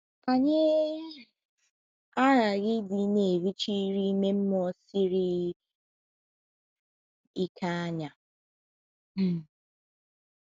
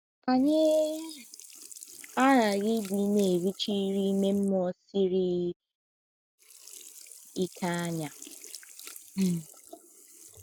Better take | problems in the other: first | background sound (Sink (filling or washing)); 19 dB below the speech

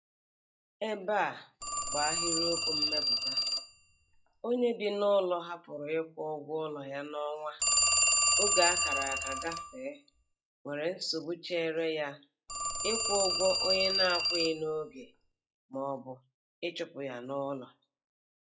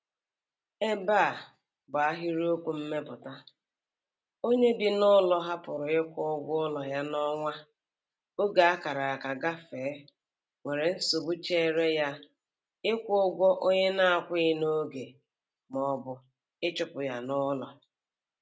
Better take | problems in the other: second | noise reduction (classical method log-MMSE)

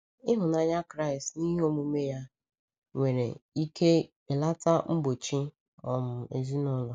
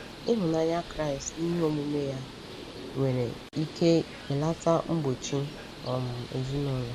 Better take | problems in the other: first | background sound (Bird); 13 dB below the speech

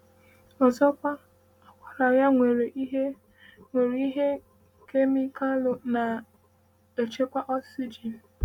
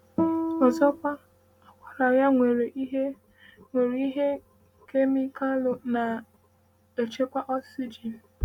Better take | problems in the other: first | background sound (Guitar); 1 dB below the speech

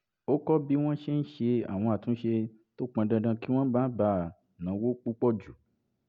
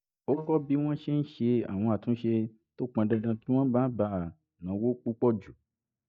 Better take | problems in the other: first | noise reduction (neural mask model DeepFilterNet 3)

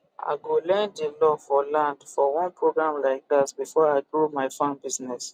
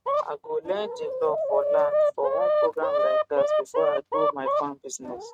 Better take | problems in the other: first | noise reduction (neural mask model RNNoise)

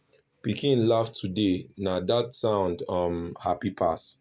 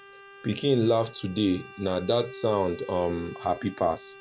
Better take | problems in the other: first | background sound (Bowed string instrument); 18 dB below the speech

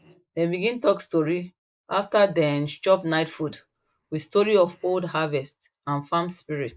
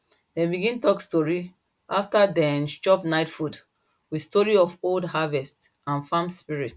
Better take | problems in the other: second | noise reduction (neural mask model Resemble Enhance denoiser)

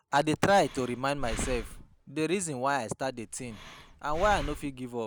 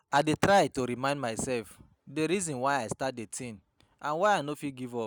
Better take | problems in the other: second | background sound (Breathing); 9 dB below the speech

